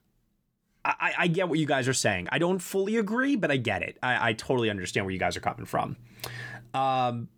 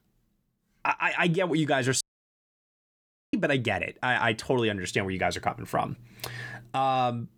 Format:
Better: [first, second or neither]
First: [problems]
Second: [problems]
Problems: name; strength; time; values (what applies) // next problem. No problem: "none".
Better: first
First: none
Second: audio cutting out; at 2 s for 1.5 s